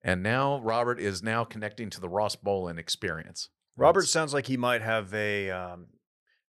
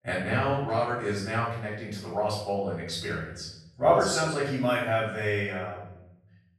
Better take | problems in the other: first | off-mic speech; far // room echo; noticeable; dies away in 0.8 s

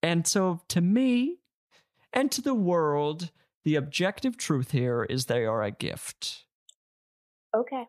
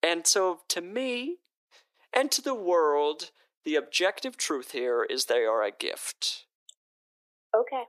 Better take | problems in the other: first | thin; very; fading below 350 Hz

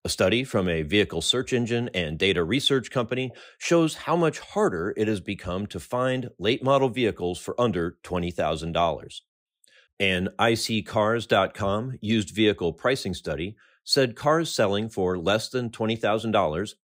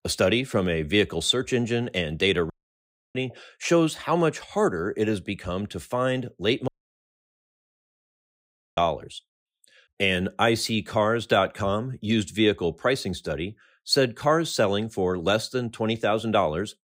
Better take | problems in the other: first | audio cutting out; at 2.5 s for 0.5 s and at 6.5 s for 2 s

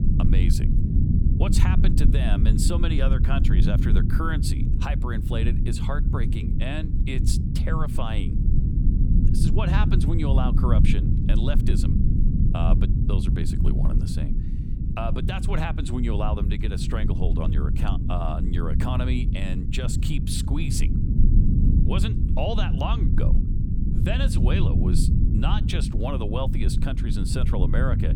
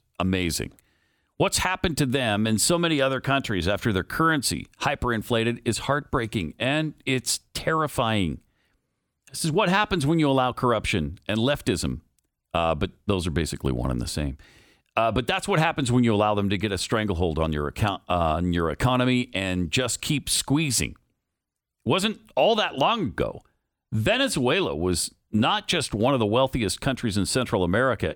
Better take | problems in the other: second | low rumble; loud; throughout; 3 dB below the speech

